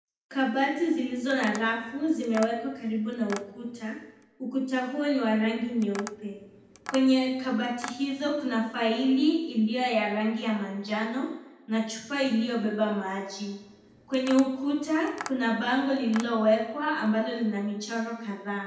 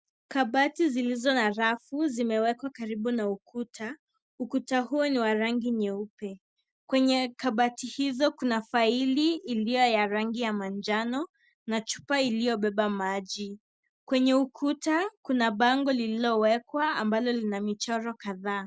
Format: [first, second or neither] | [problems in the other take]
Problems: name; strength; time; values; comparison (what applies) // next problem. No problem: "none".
second | background sound (Tap); 17 dB below the speech // room echo; dies away in 0.8 s